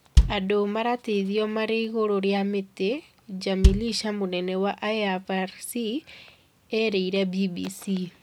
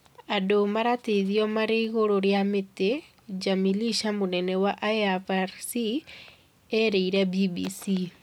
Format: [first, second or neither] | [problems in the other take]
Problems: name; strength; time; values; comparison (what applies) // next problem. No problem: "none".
second | background sound (Bass drum); 2 dB above the speech